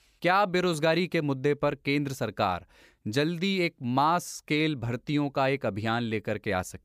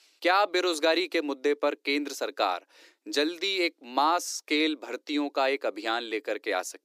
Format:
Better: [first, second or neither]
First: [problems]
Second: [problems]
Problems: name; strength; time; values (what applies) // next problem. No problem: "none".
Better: first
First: none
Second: thin; very slightly; fading below 300 Hz